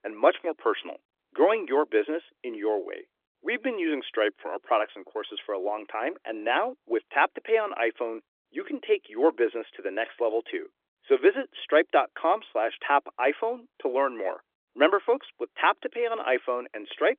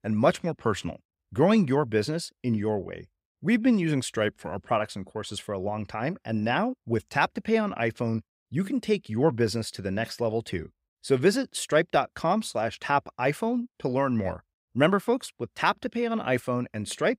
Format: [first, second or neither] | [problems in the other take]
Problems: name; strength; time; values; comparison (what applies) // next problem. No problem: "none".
second | phone-call audio; nothing above 3.5 kHz